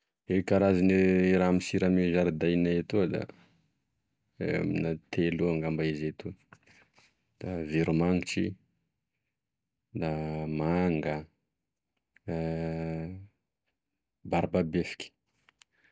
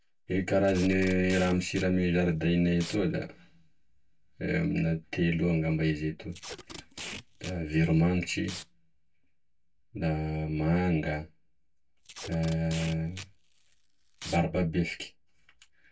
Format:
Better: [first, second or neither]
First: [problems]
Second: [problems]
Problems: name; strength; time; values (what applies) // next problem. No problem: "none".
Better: first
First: none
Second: background sound (Packing tape, duct tape); 16 dB below the speech // room echo; dies away in 0.1 s